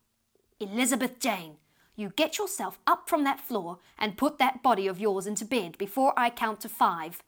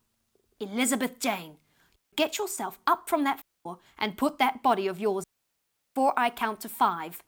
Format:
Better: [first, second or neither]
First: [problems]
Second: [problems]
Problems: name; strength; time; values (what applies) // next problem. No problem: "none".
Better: first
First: none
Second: audio cutting out; at 2 s, at 3.5 s and at 5 s for 0.5 s